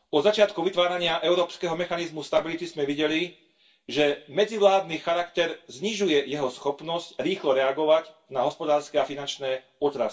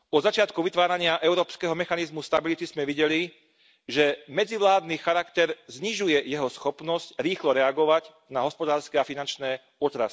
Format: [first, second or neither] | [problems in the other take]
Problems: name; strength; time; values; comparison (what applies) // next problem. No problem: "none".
second | room echo; dies away in 0.2 s